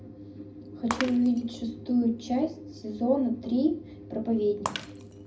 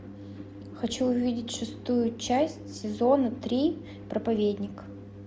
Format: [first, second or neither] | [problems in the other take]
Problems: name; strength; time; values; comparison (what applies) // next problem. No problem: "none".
second | background sound (Shatter); 14 dB below the speech // room echo; dies away in 0.4 s